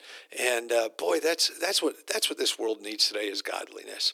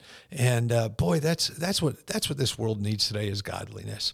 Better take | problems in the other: second | thin; very; fading below 300 Hz

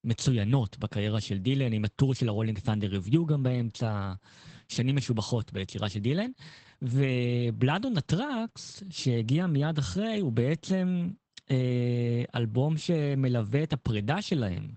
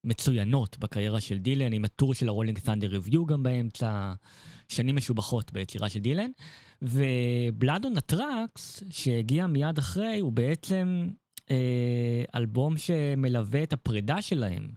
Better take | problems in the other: second | garbled, watery; badly; nothing above 8 kHz; slightly in the second

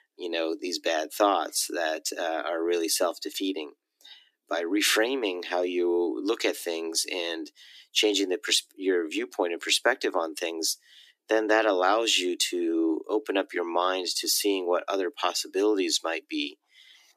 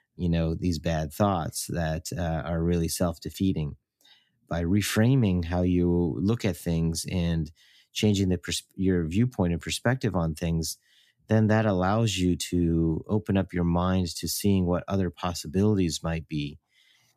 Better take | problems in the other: second | thin; very; fading below 300 Hz

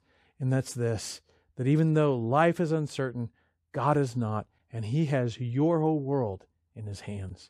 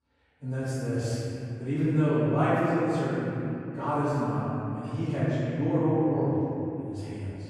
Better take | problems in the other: first | off-mic speech; far // room echo; strong; dies away in 3 s

